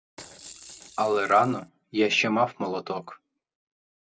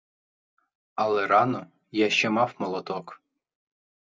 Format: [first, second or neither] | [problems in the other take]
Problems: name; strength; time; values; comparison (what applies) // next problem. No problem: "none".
second | background sound (Rattle / Rattle (instrument)); 19 dB below the speech